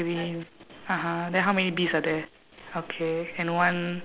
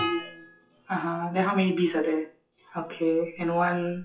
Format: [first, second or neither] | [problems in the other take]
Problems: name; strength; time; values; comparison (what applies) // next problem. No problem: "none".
first | noise reduction (classical method WPE with log-MMSE)